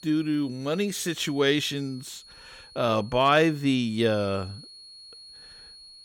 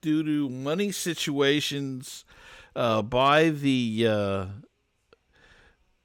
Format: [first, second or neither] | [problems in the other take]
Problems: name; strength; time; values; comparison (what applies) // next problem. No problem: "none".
second | high-pitched whine; faint; throughout; 4.5 kHz, 20 dB below the speech